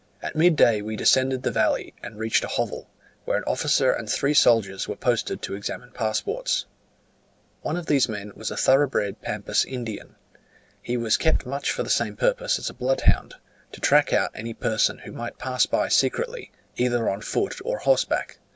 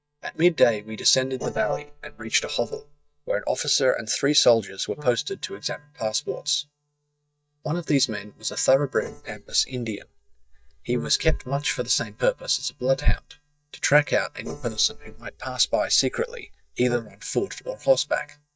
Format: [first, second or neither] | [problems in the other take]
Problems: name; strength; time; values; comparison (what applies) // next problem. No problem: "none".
first | noise reduction (neural mask model DeepFilterNet 3)